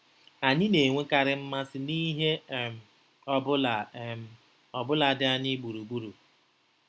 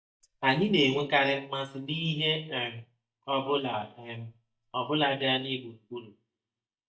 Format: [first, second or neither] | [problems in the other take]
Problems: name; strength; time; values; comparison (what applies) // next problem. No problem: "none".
first | noise reduction (neural mask model DeepFilterNet 3)